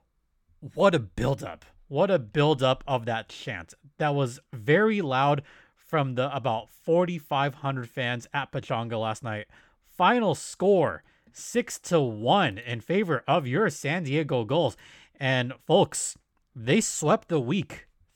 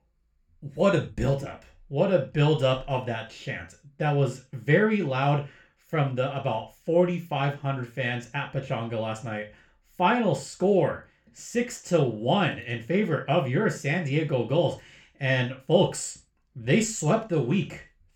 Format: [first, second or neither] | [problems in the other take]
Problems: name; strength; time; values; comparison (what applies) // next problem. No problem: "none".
first | room echo; very slight; dies away in 0.3 s